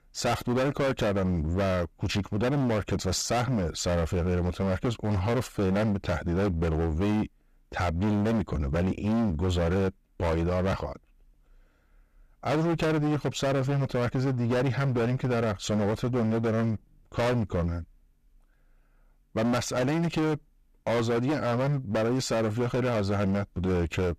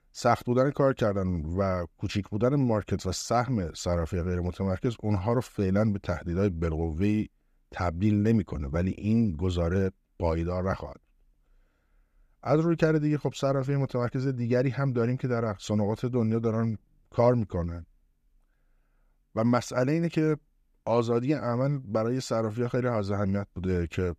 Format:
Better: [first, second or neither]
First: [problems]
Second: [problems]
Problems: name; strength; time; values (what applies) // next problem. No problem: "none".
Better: second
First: distortion; heavy; 25% of the sound clipped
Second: none